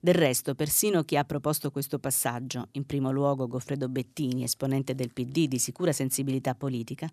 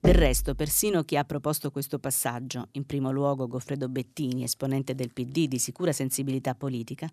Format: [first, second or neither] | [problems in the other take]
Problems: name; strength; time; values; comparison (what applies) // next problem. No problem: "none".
first | door banging; loud; at the start; peak 4 dB above the speech